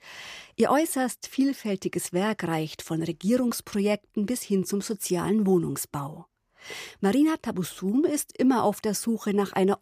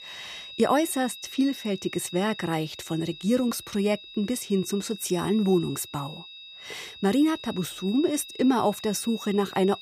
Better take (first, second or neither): first